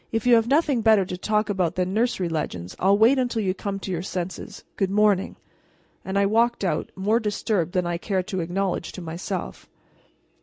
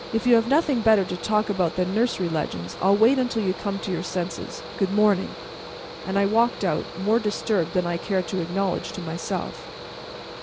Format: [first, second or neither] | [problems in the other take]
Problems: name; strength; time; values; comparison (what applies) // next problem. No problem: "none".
first | background sound (Mechanical fan); 12 dB below the speech